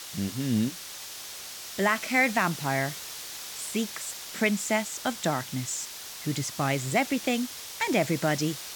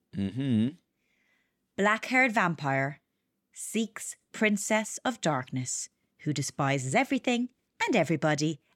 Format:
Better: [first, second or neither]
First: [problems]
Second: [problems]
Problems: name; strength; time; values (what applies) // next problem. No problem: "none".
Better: second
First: hiss; loud; throughout; 9 dB below the speech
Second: none